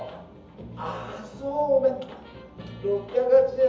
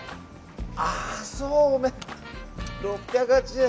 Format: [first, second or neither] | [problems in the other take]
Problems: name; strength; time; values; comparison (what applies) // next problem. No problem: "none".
second | room echo; dies away in 0.7 s